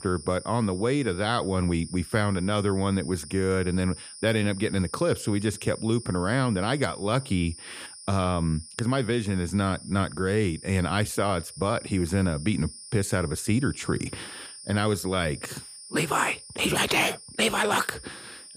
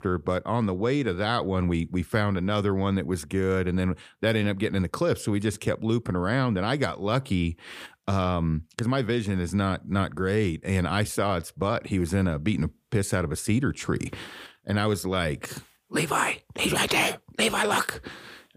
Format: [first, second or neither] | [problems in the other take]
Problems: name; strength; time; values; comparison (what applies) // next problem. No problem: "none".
second | high-pitched whine; noticeable; throughout; 9.5 kHz, 15 dB below the speech